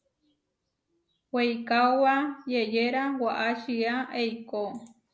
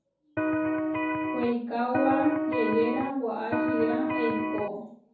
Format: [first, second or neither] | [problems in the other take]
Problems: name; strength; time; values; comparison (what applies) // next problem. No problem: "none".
first | background sound (Electric guitar); 2 dB above the speech // room echo; dies away in 0.6 s